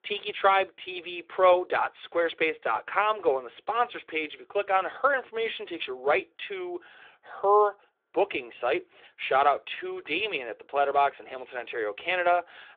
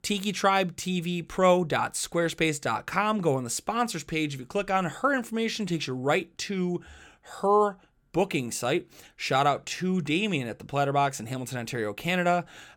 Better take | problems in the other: second | phone-call audio

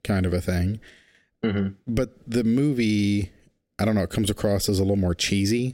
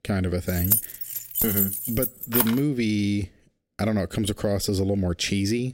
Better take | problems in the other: first | jangling keys; loud; from 0.5 to 2.5 s; peak 5 dB above the speech

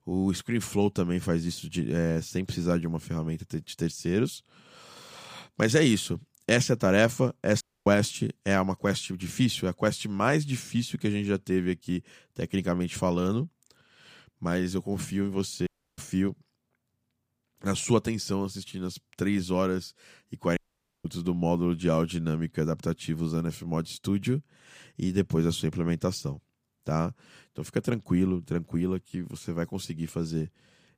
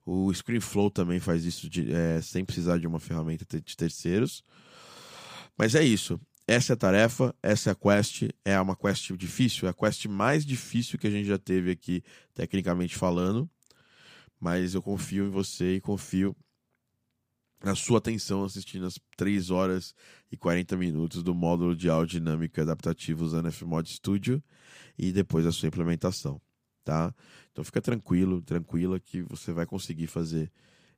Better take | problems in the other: second | audio cutting out; at 7.5 s, at 16 s and at 21 s

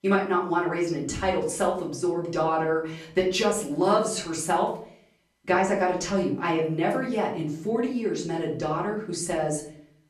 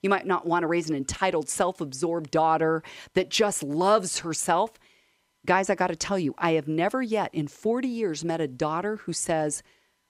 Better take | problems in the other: second | off-mic speech; far // room echo; slight; dies away in 0.5 s

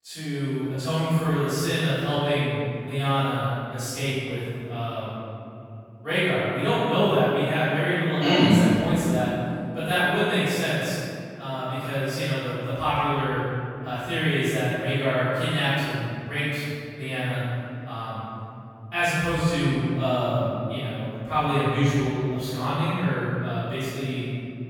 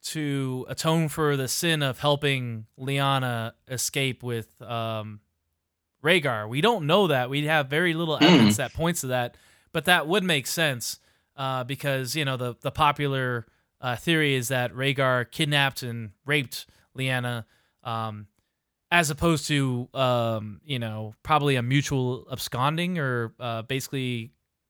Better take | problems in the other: second | off-mic speech; far // room echo; strong; dies away in 2.6 s

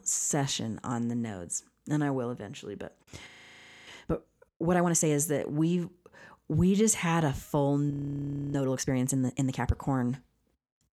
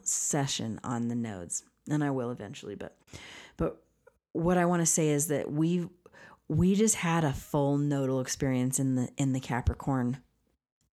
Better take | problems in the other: second | audio freezing; at 3.5 s for 0.5 s and at 8 s for 0.5 s

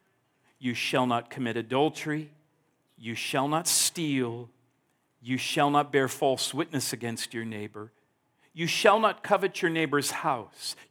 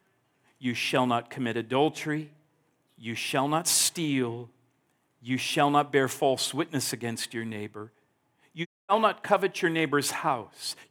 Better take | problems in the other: first | audio cutting out; at 8.5 s

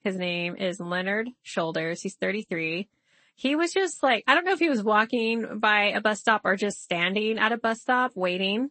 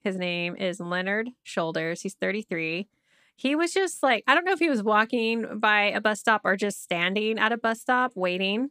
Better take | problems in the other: second | garbled, watery; slightly; nothing above 8 kHz

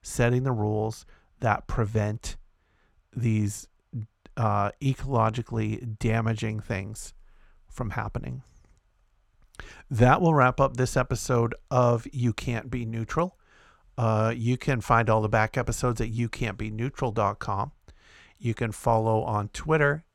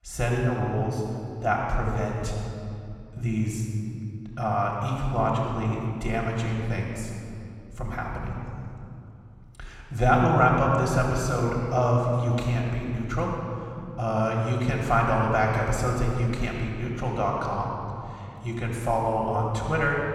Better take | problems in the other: first | off-mic speech; far // room echo; noticeable; dies away in 2.2 s

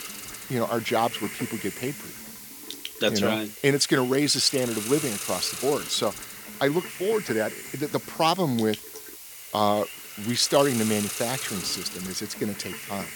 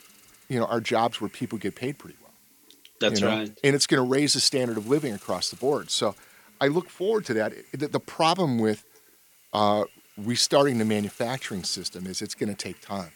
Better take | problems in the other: second | hiss; loud; throughout; 8 dB below the speech; faint in the second

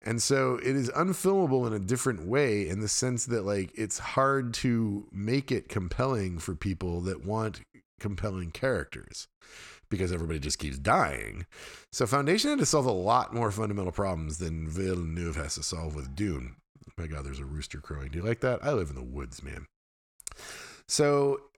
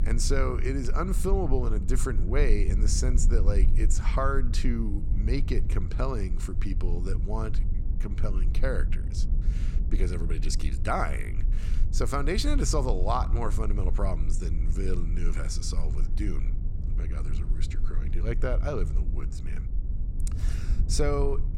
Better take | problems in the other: first | low rumble; noticeable; throughout; 15 dB below the speech

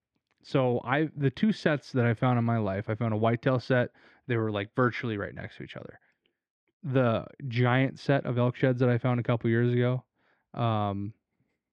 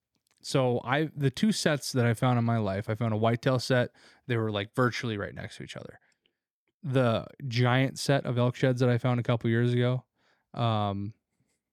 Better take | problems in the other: second | muffled; slightly; fading above 2.5 kHz

